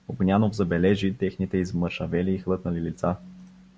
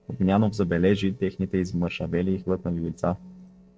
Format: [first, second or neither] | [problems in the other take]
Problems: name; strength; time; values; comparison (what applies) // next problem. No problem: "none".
first | noise reduction (neural separator model SepFormer DNS4)